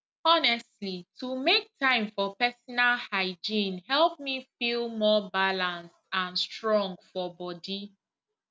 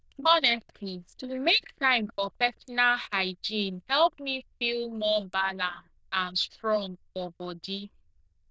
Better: first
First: none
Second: noise reduction (neural diffusion model UNIVERSE++)

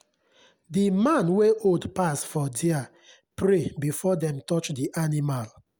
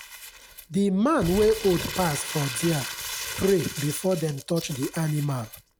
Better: first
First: none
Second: background sound (Crumpling, crinkling); 10 dB below the speech

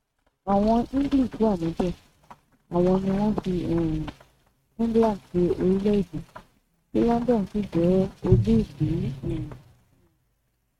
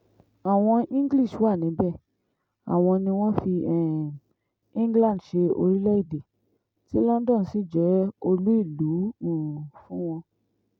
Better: second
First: noise reduction (neural mask model RNNoise)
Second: none

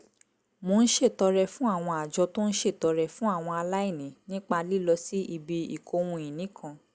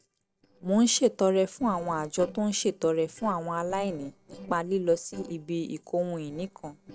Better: first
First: none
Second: noise reduction (neural separator model SepFormer DNS4)

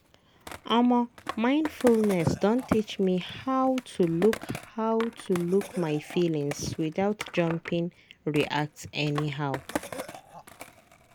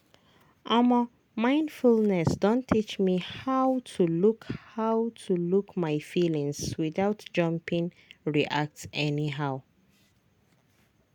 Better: second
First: background sound (Cough + Skateboard); 14 dB below the speech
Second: none

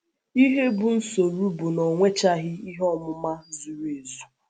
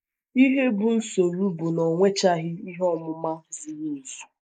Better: first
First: none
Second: noise reduction (neural mask model Resemble Enhance denoiser)

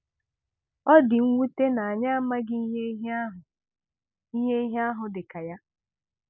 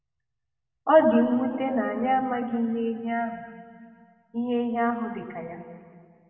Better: first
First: none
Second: room echo; dies away in 2 s

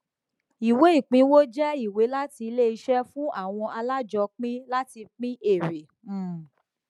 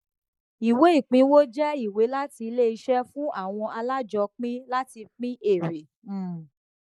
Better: first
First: none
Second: noise reduction (neural mask model Resemble Enhance denoiser)

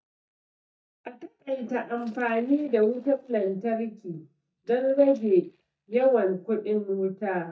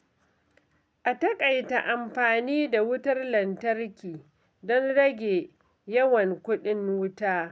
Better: second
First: noise reduction (neural mask model DeepFilterNet 3)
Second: none

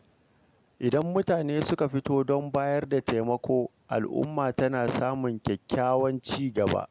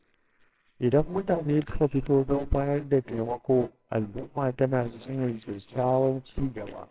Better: first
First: none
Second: noise reduction (neural separator model SepFormer WHAMR!)

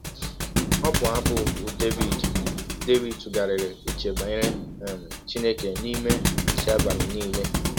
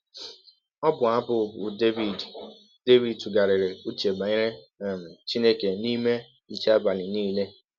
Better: second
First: background sound (Thump, thud); 1 dB above the speech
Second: none

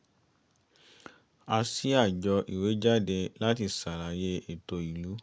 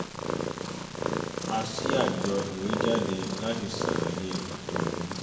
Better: first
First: none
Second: background sound (Purr); 1 dB above the speech // room echo; dies away in 2 s

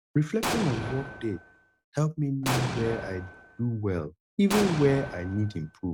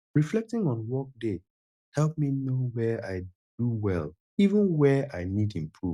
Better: second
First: background sound (Explosion); 6 dB below the speech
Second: none

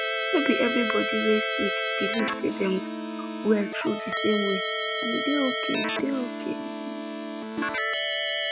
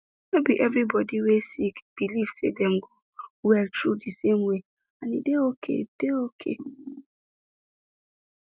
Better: second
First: background sound (Keyboard (musical)); as loud as the speech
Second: none

